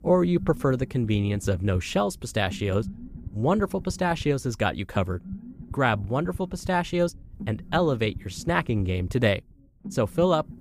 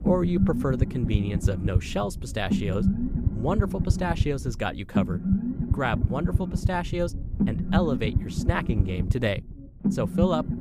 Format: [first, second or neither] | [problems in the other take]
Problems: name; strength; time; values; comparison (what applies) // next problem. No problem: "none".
first | low rumble; loud; throughout; 6 dB below the speech; faint in the first